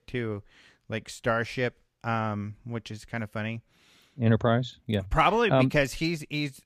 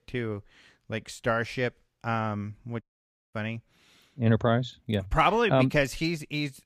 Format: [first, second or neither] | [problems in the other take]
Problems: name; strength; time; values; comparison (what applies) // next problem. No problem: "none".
first | audio cutting out; at 3 s for 0.5 s